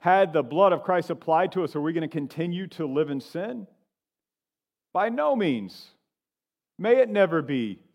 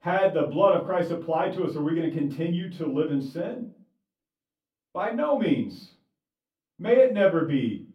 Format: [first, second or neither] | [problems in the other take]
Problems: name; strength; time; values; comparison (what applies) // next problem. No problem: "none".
first | off-mic speech; far // room echo; very slight; dies away in 0.3 s